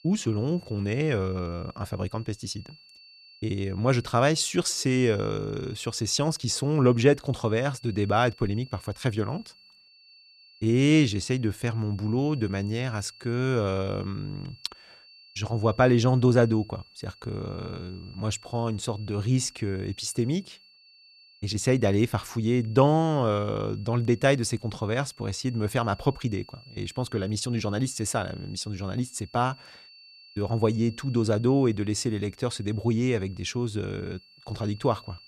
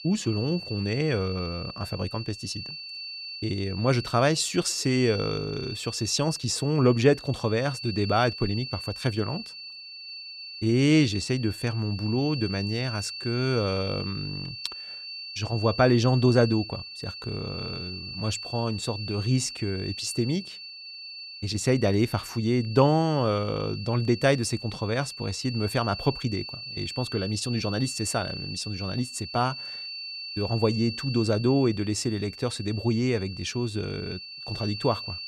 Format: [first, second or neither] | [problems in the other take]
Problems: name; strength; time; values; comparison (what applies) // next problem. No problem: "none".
first | high-pitched whine; loud; throughout; 4.5 kHz, 9 dB below the speech; faint in the first